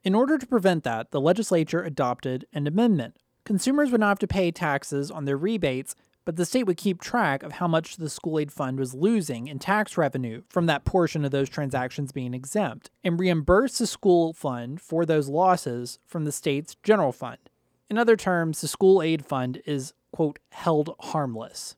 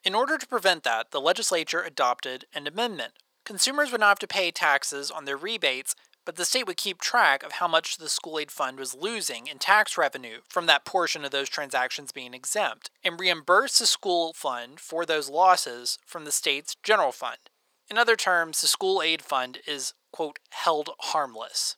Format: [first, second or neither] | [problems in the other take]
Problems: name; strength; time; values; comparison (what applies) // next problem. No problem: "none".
first | thin; very; fading below 850 Hz